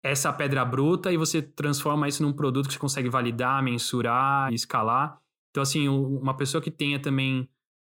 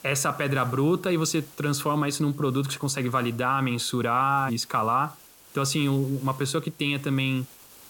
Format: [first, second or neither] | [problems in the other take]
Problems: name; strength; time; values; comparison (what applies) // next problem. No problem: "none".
first | hiss; faint; throughout; 25 dB below the speech